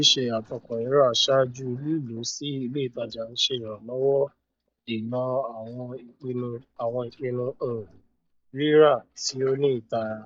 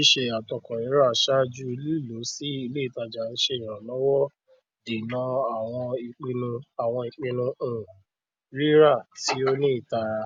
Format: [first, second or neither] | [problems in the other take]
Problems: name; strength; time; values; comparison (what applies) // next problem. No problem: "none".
second | noise reduction (neural mask model DeepFilterNet 3)